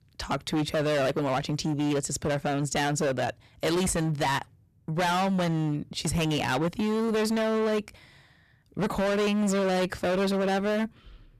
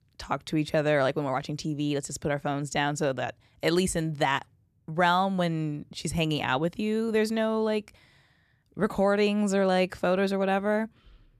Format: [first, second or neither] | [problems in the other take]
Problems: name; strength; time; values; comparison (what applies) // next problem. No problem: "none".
second | distortion; heavy; 25% of the sound clipped